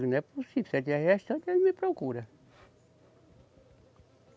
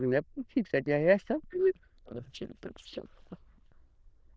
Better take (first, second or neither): first